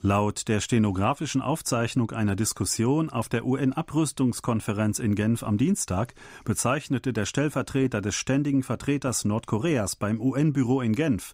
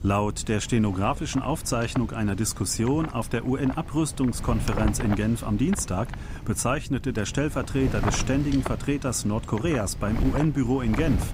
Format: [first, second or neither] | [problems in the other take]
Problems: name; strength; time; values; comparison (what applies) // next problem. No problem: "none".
first | wind noise on the microphone; heavy; 9 dB below the speech